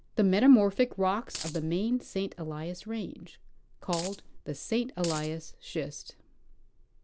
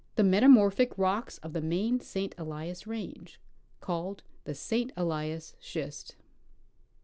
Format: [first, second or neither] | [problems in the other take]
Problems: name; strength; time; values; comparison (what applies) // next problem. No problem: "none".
second | background sound (Coin (dropping)); 11 dB below the speech